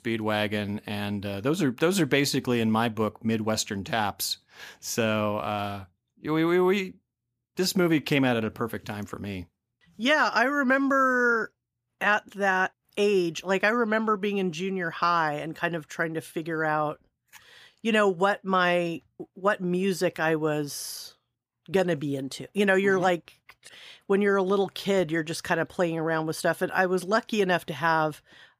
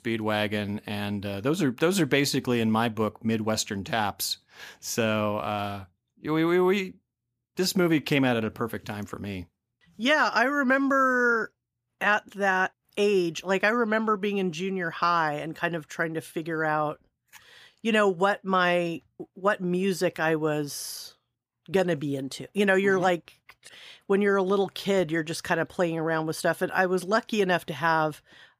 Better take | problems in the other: neither | none

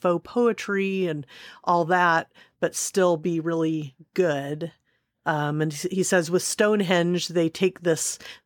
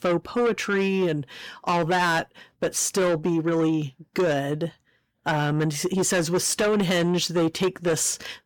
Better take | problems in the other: first | distortion; heavy; 7 dB below the speech

